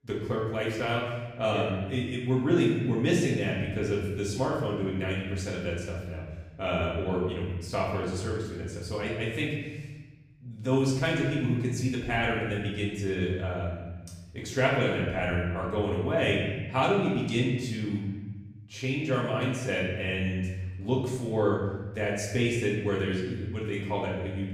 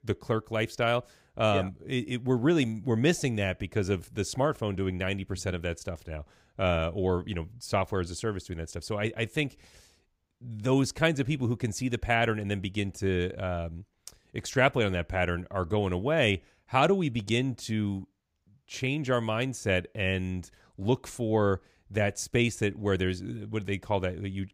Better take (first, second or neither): second